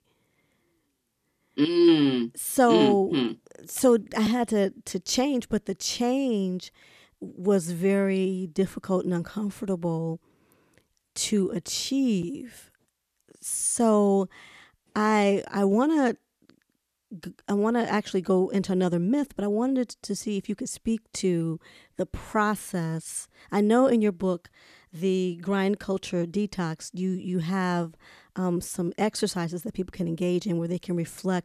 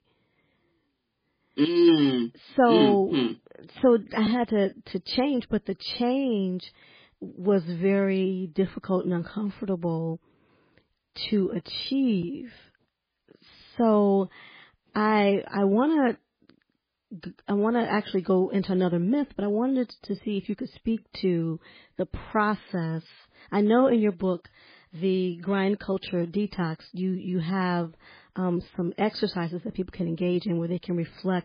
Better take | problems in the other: first | garbled, watery; badly; nothing above 4 kHz

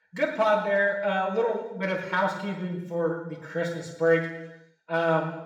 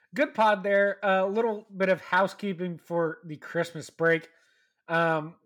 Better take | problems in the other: second | room echo; noticeable; dies away in 0.9 s // off-mic speech; far

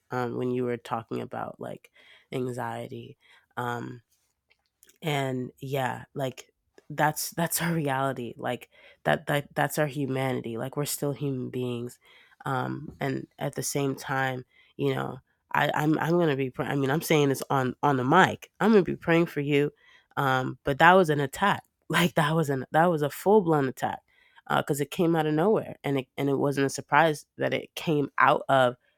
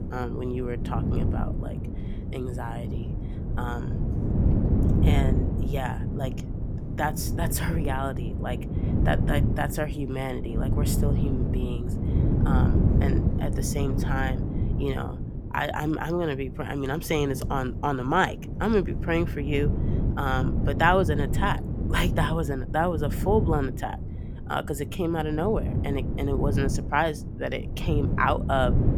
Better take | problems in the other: first | wind noise on the microphone; heavy; 9 dB below the speech

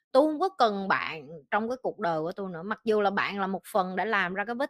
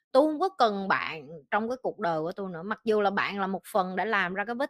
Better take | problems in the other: neither | none

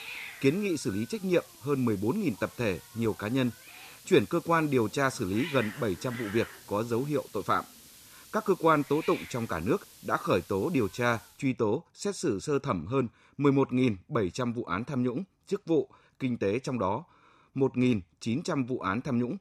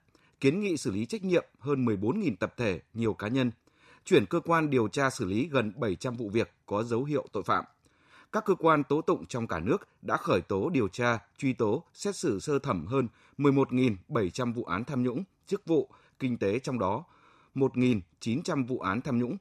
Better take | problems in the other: second | hiss; noticeable; until 11 s; 15 dB below the speech

